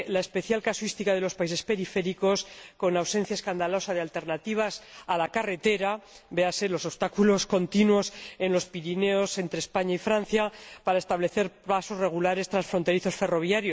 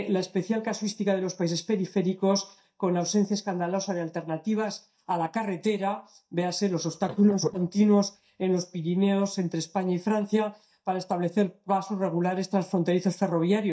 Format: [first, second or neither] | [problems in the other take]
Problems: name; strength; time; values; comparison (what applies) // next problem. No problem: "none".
first | noise reduction (neural mask model DeepFilterNet 3)